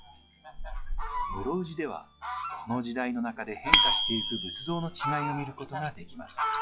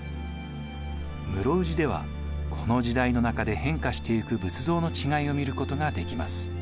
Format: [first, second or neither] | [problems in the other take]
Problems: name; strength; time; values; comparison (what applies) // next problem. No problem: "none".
second | noise reduction (classical method log-MMSE)